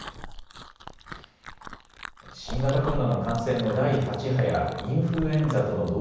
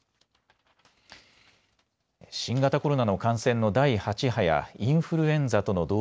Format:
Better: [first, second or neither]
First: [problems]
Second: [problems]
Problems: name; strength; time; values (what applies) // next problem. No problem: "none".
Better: second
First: background sound (Chewing, mastication); 11 dB below the speech // room echo; dies away in 1.1 s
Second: none